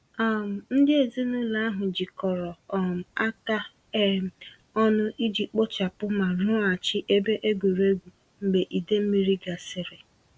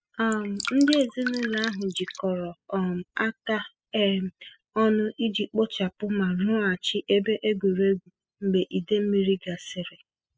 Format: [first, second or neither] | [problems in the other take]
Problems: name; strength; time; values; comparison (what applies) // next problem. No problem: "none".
first | noise reduction (classical method spectral subtraction)